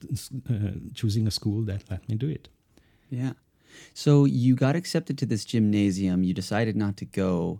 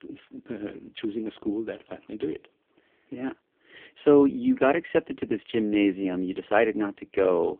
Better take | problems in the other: first | phone-call audio; poor line

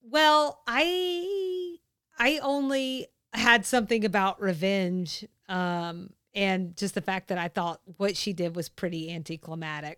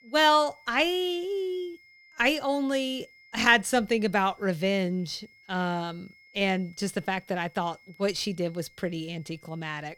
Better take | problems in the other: first | high-pitched whine; faint; throughout; 2 kHz, 25 dB below the speech

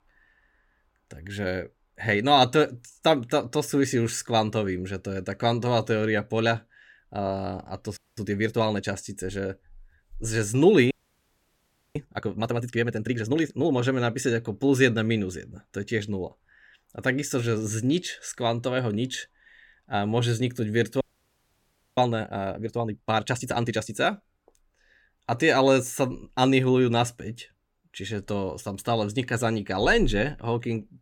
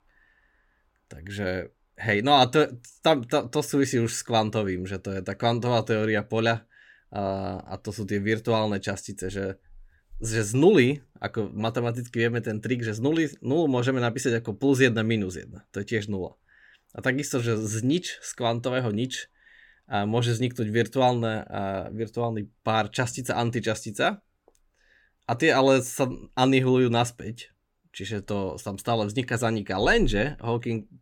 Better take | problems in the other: second | audio freezing; at 8 s, at 11 s for 1 s and at 21 s for 1 s

